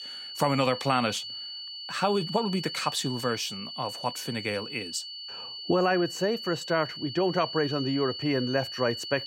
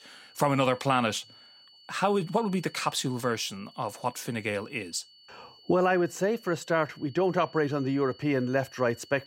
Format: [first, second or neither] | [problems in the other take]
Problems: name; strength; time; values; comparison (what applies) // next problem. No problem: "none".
second | high-pitched whine; loud; throughout; 4.5 kHz, 7 dB below the speech; faint in the second